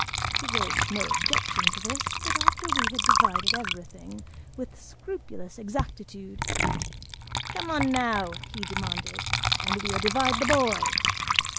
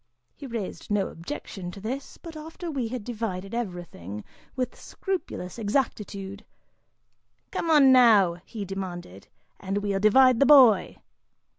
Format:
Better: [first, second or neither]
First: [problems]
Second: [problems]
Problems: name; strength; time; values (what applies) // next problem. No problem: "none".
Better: second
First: background sound (Water / Liquid); 5 dB above the speech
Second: none